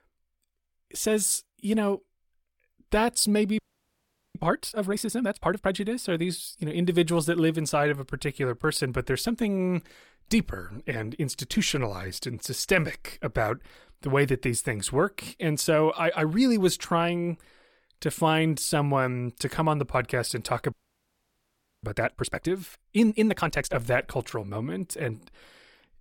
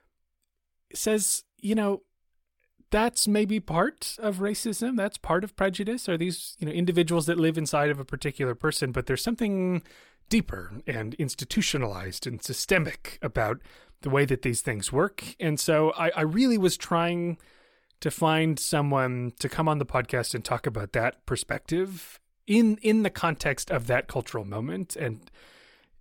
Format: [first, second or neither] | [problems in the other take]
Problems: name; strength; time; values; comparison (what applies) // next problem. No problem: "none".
second | audio freezing; at 3.5 s for 1 s and at 21 s for 1 s